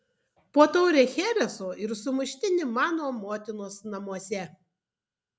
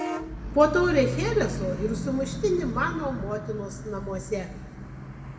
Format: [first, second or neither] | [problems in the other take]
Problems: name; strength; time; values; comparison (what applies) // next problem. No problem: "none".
first | background sound (Bus / Vehicle horn, car horn, honking); 6 dB below the speech // room echo; dies away in 1.5 s